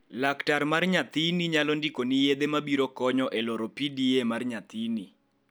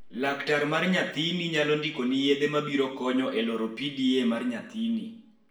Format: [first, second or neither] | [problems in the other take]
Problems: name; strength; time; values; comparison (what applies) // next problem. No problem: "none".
first | room echo; dies away in 0.7 s